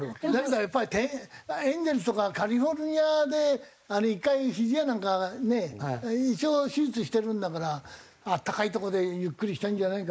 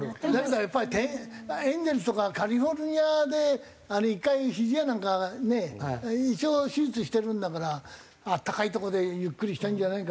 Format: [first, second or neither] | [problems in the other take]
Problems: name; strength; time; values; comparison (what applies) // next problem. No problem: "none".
second | noise reduction (neural mask model Resemble Enhance denoiser)